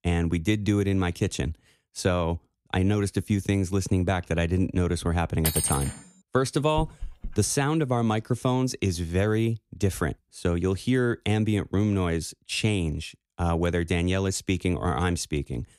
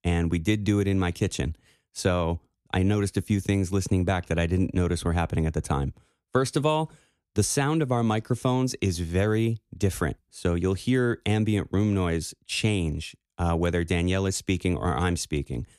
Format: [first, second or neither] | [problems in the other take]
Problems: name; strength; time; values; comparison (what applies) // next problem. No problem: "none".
second | clattering dishes; loud; at 5.5 s; peak 1 dB above the speech // dog barking; faint; at 7 s; peak 10 dB below the speech